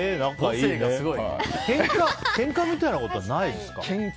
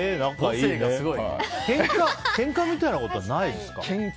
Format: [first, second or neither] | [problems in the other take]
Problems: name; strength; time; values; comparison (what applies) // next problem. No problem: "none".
second | background sound (Fart); 14 dB below the speech